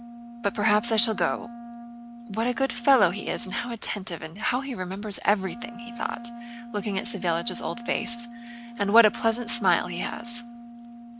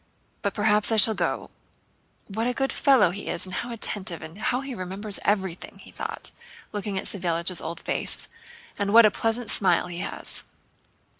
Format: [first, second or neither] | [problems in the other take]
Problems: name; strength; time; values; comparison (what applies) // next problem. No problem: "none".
second | background sound (Wind instrument, woodwind instrument); 13 dB below the speech